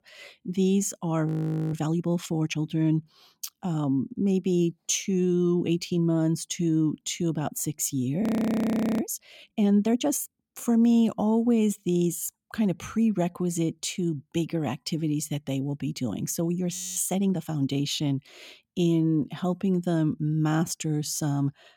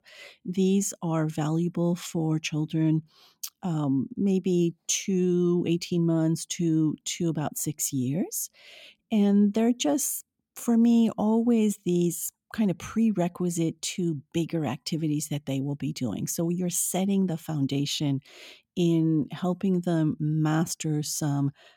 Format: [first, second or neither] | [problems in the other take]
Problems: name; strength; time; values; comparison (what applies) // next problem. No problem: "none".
second | audio freezing; at 1.5 s, at 8 s for 1 s and at 17 s